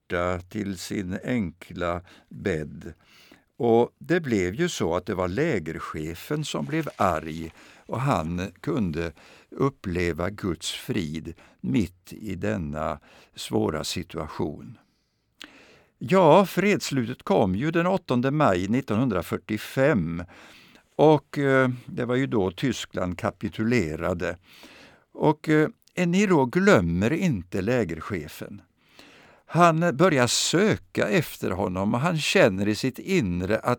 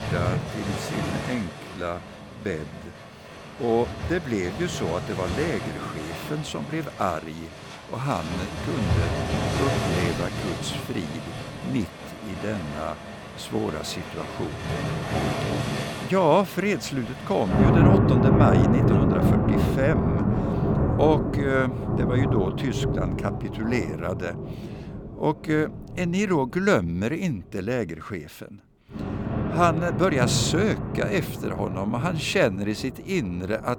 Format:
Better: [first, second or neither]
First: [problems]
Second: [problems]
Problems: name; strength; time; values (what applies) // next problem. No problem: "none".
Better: first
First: none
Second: rain or running water; very loud; throughout; 1 dB above the speech